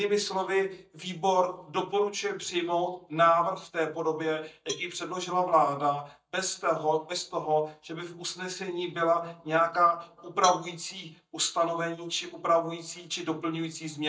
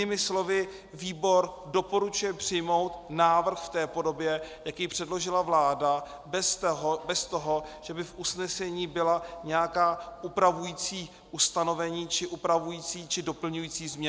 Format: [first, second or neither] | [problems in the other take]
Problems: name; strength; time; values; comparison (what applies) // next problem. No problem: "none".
second | noise reduction (neural mask model DeepFilterNet 3)